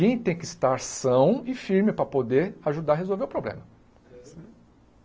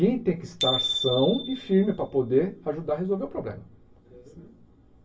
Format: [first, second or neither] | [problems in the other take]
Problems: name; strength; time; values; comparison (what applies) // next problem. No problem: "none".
first | background sound (Bicycle bell); 6 dB below the speech // room echo; dies away in 0.1 s